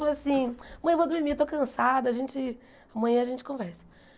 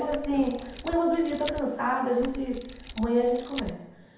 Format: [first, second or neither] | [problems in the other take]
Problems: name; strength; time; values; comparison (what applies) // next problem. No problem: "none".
first | background sound (Camera); 13 dB below the speech // room echo; dies away in 0.8 s